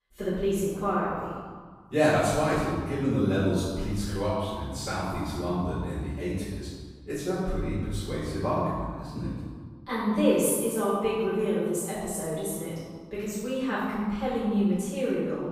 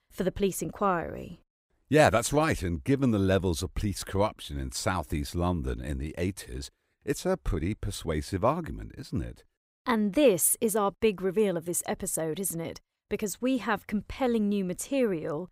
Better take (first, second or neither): second